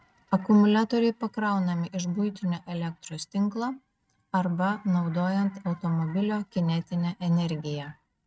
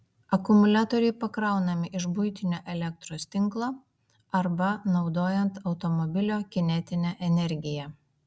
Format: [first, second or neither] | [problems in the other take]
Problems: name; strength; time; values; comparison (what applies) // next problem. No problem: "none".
second | noise reduction (neural mask model RNNoise)